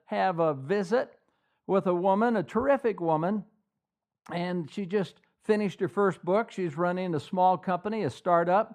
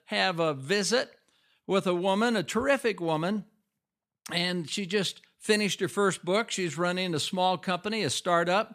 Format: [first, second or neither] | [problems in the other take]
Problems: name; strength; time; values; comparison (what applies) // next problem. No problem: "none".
second | muffled; very; fading above 2 kHz